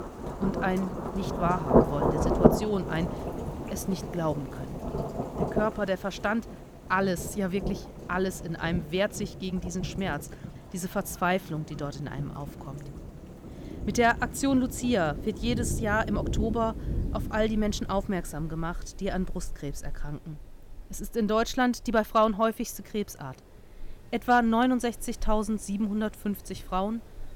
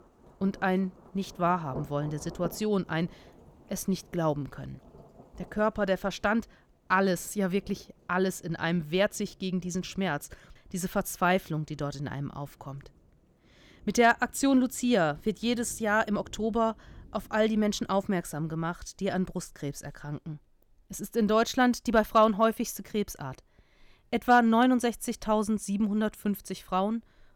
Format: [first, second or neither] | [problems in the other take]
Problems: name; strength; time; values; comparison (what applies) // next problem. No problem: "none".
second | rain or running water; loud; throughout; 4 dB below the speech; faint in the second